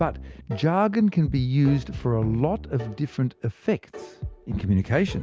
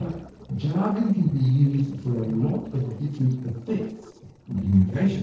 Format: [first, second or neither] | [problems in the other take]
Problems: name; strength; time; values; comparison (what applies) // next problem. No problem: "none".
first | noise reduction (neural separator model SepFormer DNS4)